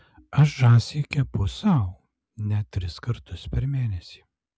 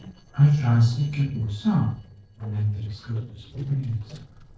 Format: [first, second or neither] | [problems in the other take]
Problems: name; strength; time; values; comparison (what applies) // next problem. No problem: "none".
first | noise reduction (neural separator model SepFormer DNS4)